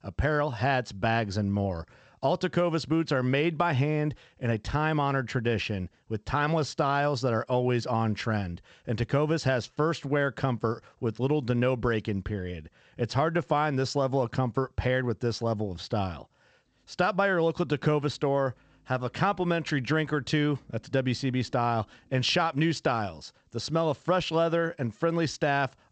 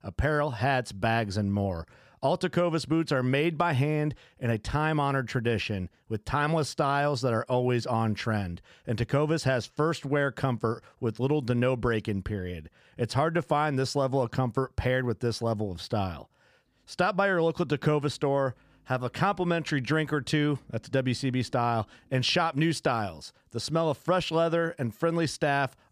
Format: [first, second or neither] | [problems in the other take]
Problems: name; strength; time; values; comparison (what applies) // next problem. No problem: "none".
second | garbled, watery; slightly; nothing above 8 kHz